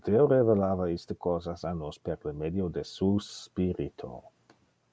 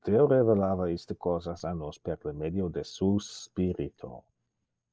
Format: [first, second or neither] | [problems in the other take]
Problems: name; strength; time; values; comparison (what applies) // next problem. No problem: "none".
first | noise reduction (neural mask model DeepFilterNet 3)